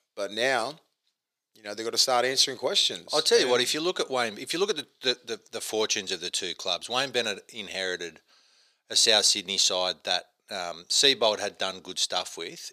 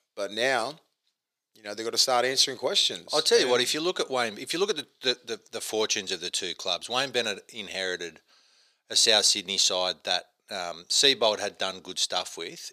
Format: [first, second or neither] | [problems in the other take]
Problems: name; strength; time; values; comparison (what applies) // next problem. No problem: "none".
neither | thin; somewhat; fading below 400 Hz; the same in both